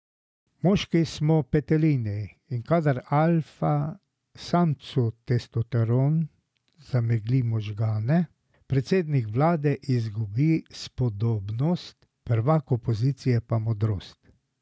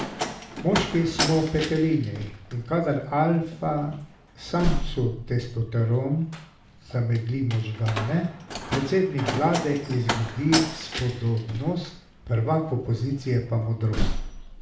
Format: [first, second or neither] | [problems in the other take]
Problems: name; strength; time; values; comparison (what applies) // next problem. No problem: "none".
first | background sound (Slam); 6 dB below the speech // room echo; dies away in 0.5 s